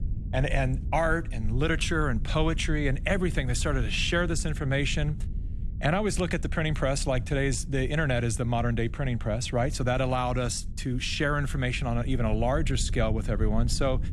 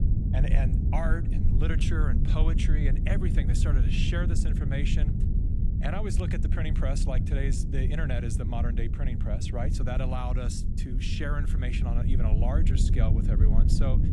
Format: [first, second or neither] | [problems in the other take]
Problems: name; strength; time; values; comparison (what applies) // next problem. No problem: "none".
first | low rumble; loud; throughout; 4 dB below the speech; faint in the first